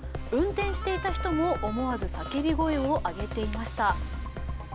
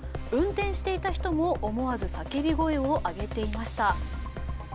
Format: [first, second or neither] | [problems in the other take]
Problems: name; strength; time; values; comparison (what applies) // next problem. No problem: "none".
second | background sound (Harmonica); 15 dB below the speech